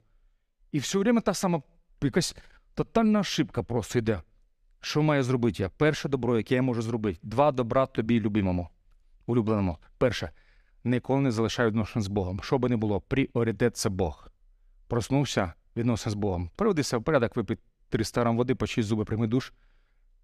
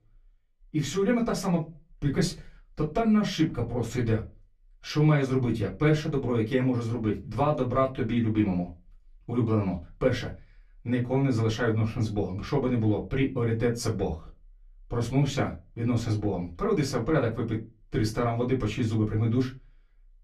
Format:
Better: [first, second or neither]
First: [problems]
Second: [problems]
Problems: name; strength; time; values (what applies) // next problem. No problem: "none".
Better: first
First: none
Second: off-mic speech; far // room echo; very slight; dies away in 0.2 s